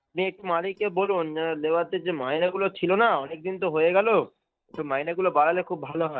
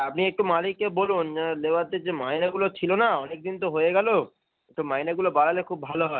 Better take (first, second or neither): second